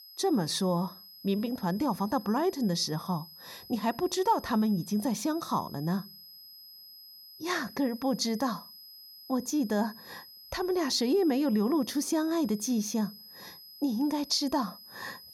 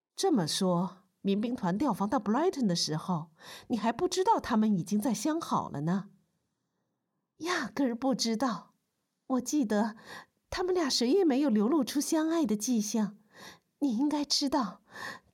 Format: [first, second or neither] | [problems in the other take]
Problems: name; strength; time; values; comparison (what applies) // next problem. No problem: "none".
second | high-pitched whine; noticeable; throughout; 5 kHz, 20 dB below the speech